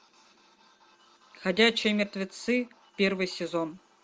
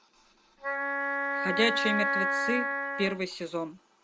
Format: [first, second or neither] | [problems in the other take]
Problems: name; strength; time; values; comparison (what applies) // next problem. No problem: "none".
first | background sound (Wind instrument, woodwind instrument); 2 dB above the speech